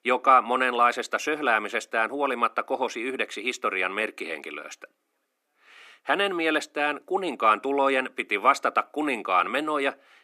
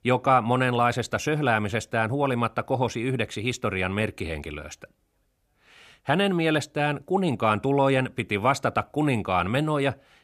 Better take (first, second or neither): second